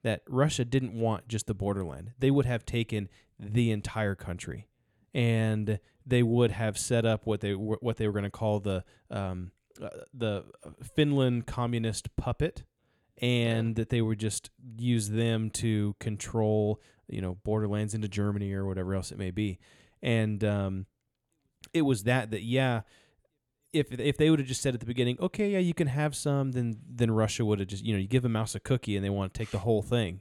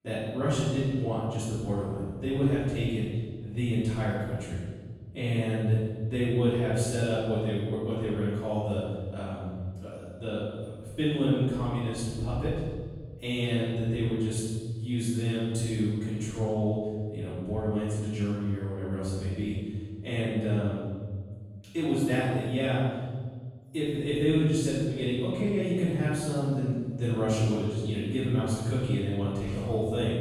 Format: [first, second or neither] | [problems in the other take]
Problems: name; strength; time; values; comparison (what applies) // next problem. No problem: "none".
first | off-mic speech; far // room echo; strong; dies away in 1.5 s